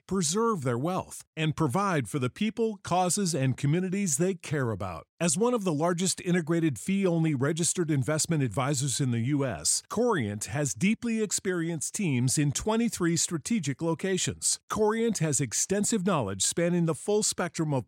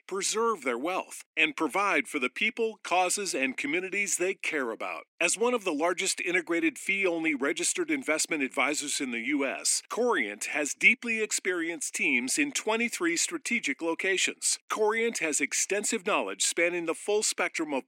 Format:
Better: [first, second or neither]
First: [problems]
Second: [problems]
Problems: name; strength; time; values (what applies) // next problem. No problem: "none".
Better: first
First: none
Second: thin; somewhat; fading below 250 Hz